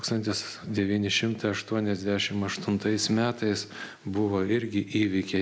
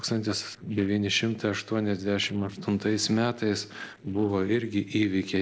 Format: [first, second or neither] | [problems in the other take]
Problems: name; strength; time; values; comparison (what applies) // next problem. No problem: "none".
first | noise reduction (neural separator model SepFormer DNS4)